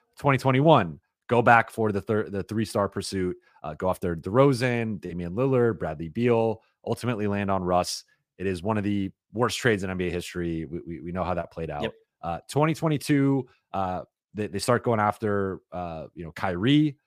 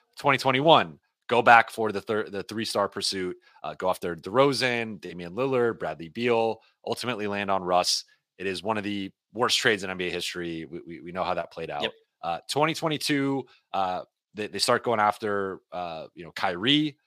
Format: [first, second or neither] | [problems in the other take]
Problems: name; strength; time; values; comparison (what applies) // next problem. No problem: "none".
first | thin; very slightly; fading below 450 Hz